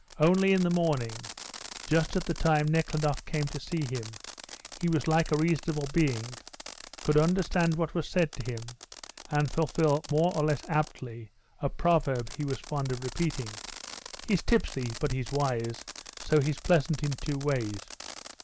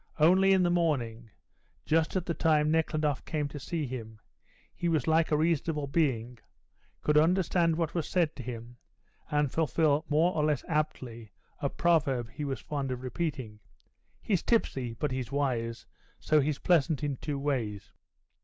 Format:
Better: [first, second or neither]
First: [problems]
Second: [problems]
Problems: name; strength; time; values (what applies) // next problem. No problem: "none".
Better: second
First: background sound (Fireworks); 16 dB below the speech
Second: none